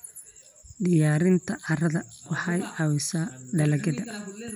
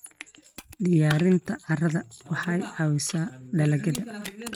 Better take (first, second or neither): first